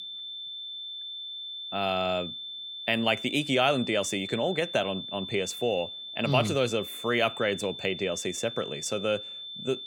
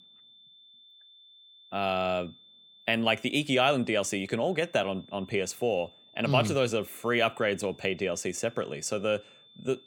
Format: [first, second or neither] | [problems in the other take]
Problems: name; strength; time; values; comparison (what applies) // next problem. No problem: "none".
second | high-pitched whine; loud; throughout; 3.5 kHz, 8 dB below the speech; faint in the second